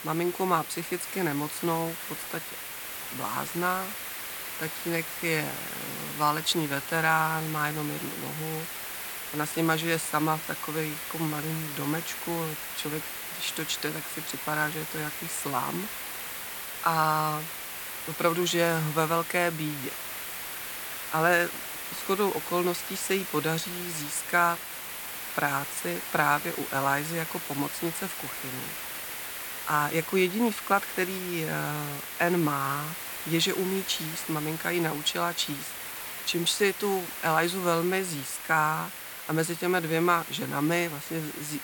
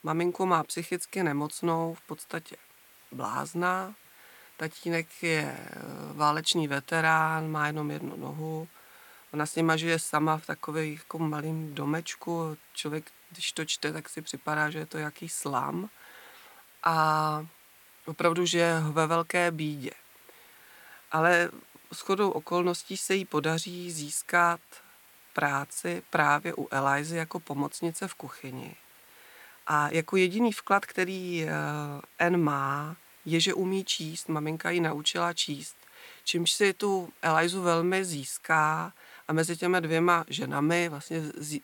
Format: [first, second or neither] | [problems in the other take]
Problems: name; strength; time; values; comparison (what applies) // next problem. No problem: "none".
second | hiss; loud; throughout; 6 dB below the speech; faint in the second